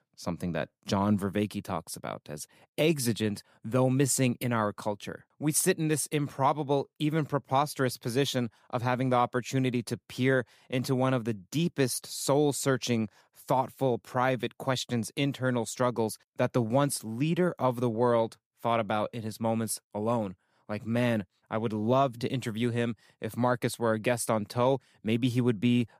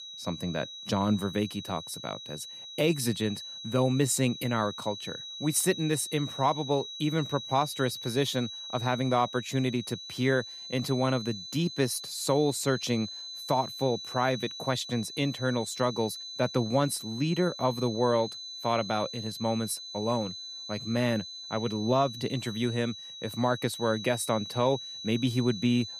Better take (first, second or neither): first